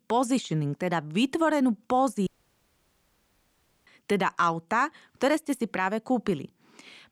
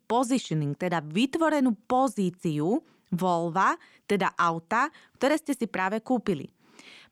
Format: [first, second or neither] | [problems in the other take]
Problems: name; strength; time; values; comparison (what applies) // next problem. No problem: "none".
second | audio cutting out; at 2.5 s for 1.5 s